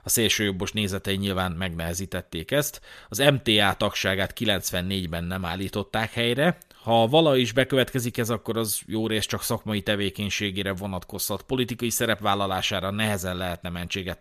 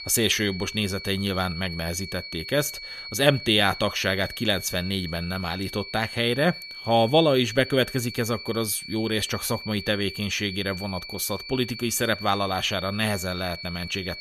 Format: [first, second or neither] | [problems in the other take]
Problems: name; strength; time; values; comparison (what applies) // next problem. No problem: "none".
first | high-pitched whine; noticeable; throughout; 4.5 kHz, 10 dB below the speech